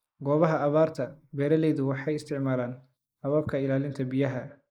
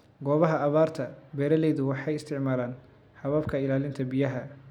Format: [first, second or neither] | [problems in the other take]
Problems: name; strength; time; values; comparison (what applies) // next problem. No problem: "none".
second | noise reduction (neural mask model Resemble Enhance denoiser)